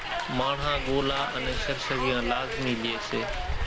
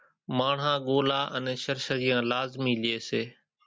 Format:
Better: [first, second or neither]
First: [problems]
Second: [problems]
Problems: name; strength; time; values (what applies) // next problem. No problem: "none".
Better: second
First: background sound (Hiss); 1 dB below the speech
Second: none